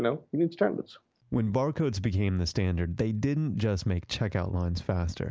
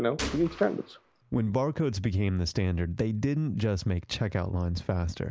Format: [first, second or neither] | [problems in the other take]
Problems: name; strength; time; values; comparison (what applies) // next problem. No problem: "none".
first | background sound (Gunshot, gunfire); 10 dB below the speech